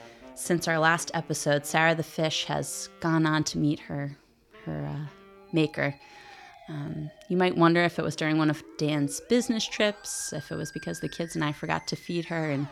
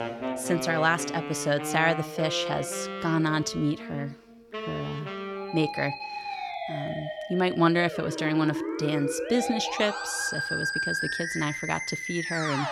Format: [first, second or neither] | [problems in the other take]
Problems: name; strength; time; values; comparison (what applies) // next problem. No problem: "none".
first | background music; loud; throughout; 5 dB below the speech; faint in the first